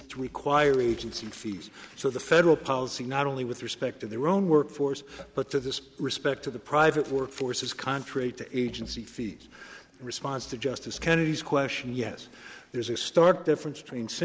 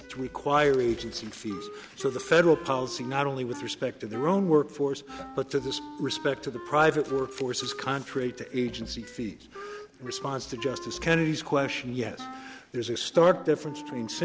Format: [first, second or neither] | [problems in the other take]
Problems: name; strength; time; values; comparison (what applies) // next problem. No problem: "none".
first | background sound (Wind instrument, woodwind instrument); 16 dB below the speech